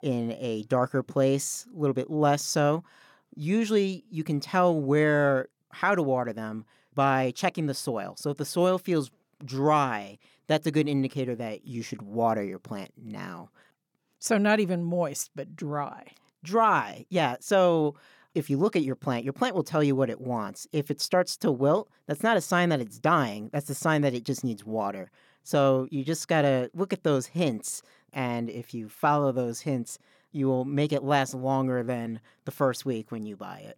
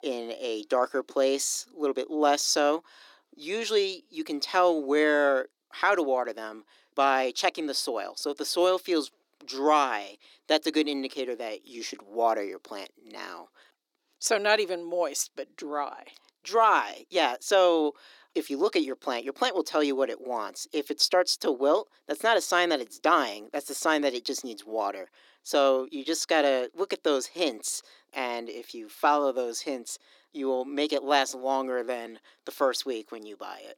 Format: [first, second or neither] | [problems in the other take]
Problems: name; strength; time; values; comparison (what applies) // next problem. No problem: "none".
first | thin; somewhat; fading below 300 Hz